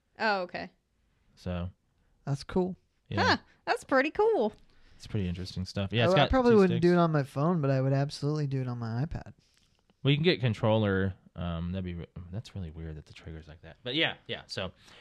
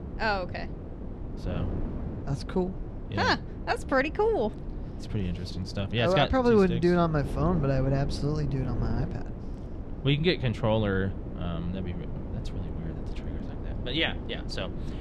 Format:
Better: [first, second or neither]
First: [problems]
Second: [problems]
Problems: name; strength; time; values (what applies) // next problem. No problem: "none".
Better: first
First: none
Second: wind noise on the microphone; occasional gusts; 15 dB below the speech